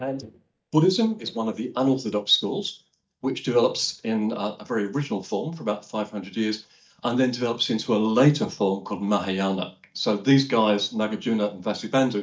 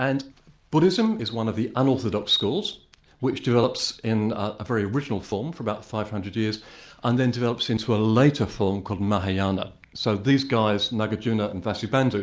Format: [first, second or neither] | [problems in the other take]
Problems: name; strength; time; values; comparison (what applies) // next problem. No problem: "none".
second | noise reduction (neural mask model DeepFilterNet 3)